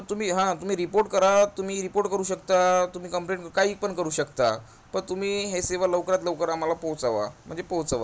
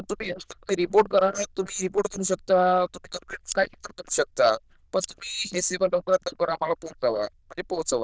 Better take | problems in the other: first | noise reduction (neural diffusion model UNIVERSE++)

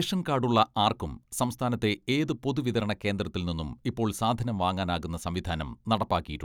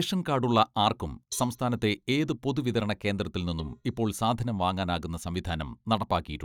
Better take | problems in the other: first | noise reduction (neural mask model DeepFilterNet 3)

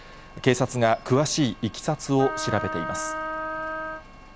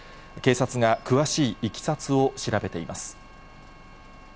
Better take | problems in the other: second | background sound (Wind instrument, woodwind instrument); 6 dB below the speech

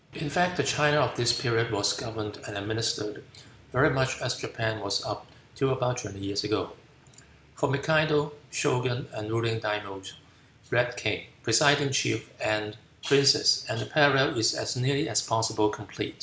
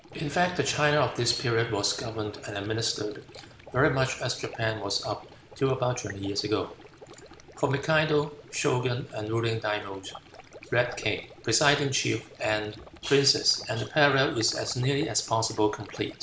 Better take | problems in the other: first | background sound (Stream); 20 dB below the speech

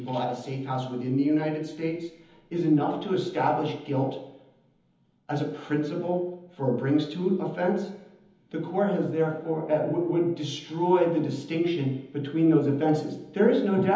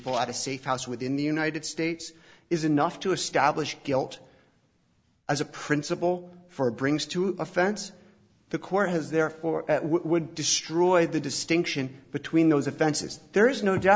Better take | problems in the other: second | room echo; dies away in 1.3 s

